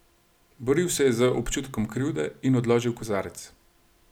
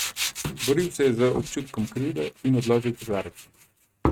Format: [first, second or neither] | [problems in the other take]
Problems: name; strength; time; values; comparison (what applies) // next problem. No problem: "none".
first | noise reduction (neural mask model RNNoise)